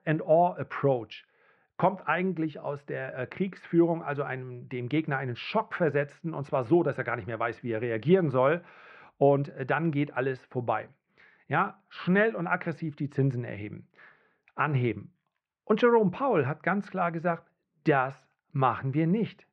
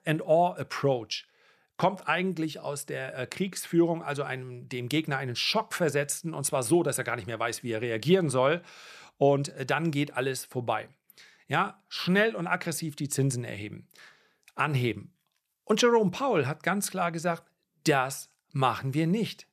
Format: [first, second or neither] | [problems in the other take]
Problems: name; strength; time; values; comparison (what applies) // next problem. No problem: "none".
second | muffled; very; fading above 2 kHz